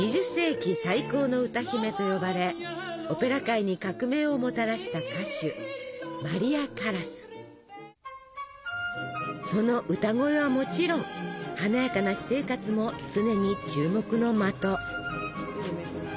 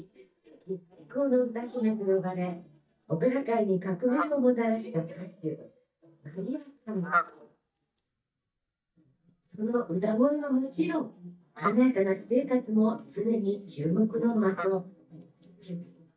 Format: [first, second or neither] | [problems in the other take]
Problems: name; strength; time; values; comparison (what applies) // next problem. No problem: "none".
first | noise reduction (neural mask model DeepFilterNet 3)